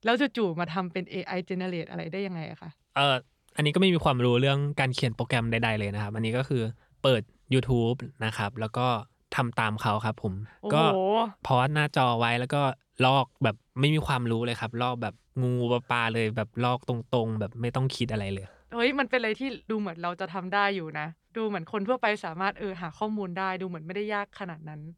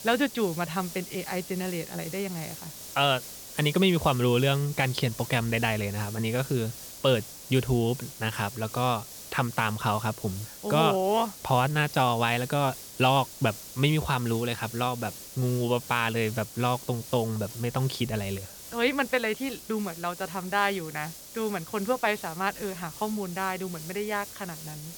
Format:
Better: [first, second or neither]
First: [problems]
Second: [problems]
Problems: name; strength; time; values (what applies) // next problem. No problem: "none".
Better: first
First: none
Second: hiss; noticeable; throughout; 10 dB below the speech